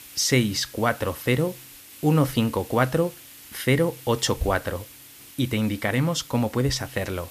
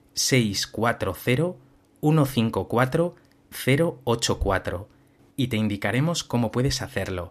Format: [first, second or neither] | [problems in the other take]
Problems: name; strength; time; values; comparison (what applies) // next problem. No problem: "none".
second | hiss; noticeable; throughout; 20 dB below the speech